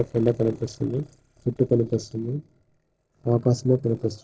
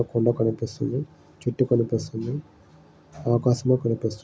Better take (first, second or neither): second